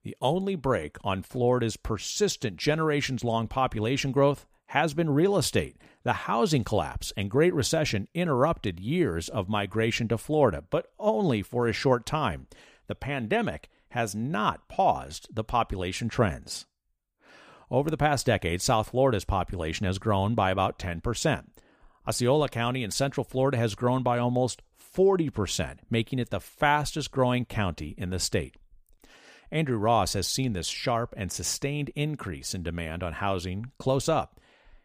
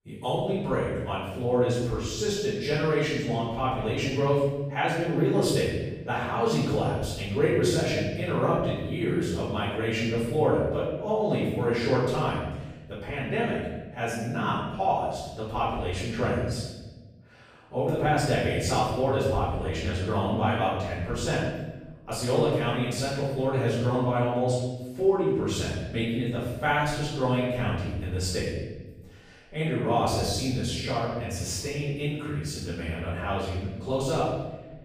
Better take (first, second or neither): first